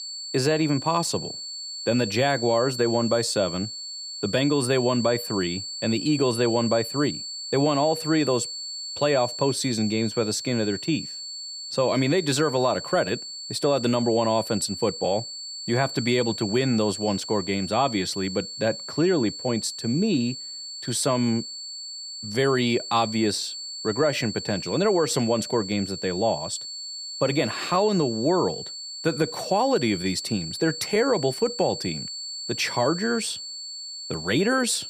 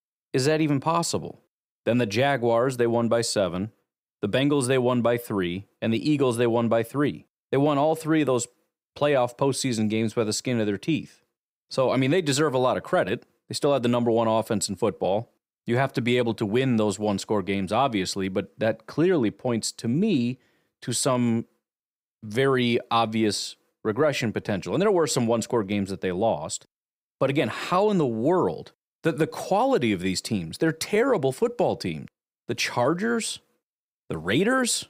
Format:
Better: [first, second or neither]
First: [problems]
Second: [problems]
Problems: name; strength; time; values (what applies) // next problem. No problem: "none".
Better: second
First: high-pitched whine; loud; throughout; 4.5 kHz, 8 dB below the speech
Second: none